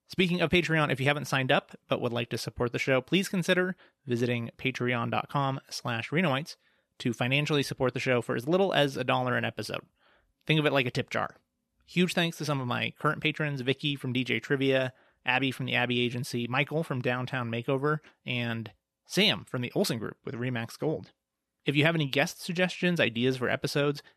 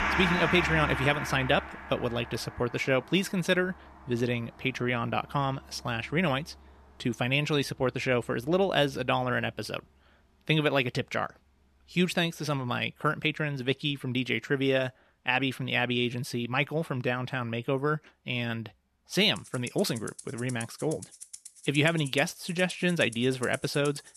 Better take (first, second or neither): first